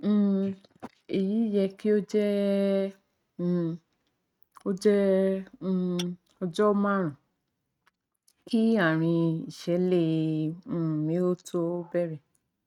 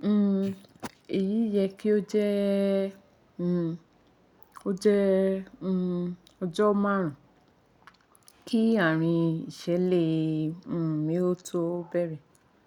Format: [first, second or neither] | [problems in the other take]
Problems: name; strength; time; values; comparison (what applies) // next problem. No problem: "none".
second | noise reduction (neural mask model RNNoise)